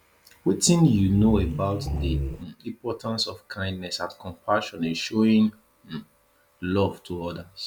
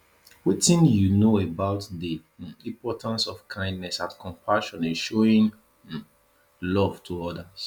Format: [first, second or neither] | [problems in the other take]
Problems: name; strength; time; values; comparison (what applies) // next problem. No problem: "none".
second | background sound (Growling); 4 dB below the speech